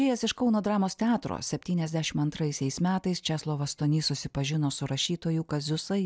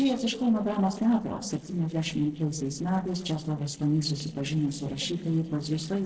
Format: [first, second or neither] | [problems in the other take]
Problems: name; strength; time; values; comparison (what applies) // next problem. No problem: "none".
first | noise reduction (neural separator model SepFormer DNS4)